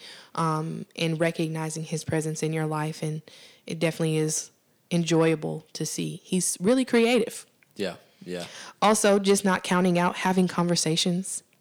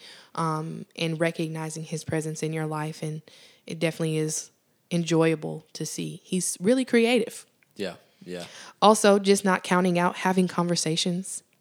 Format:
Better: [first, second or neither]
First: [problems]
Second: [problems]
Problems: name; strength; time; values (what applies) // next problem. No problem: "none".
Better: second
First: distortion; slight; 10 dB below the speech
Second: none